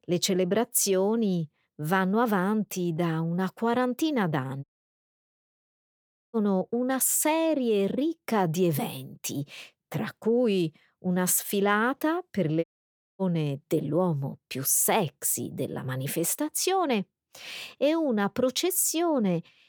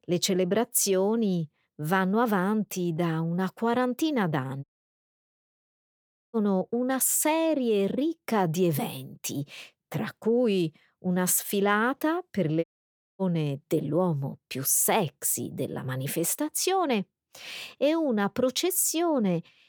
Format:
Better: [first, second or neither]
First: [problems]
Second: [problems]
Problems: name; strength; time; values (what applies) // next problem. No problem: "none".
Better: neither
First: audio cutting out; at 4.5 s for 1.5 s and at 13 s for 0.5 s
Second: audio cutting out; at 4.5 s for 1.5 s and at 13 s for 0.5 s